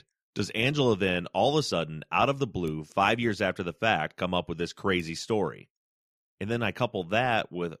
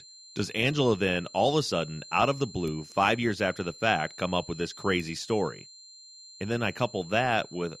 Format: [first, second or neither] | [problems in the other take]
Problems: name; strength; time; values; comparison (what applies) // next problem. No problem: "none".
first | high-pitched whine; noticeable; throughout; 4 kHz, 20 dB below the speech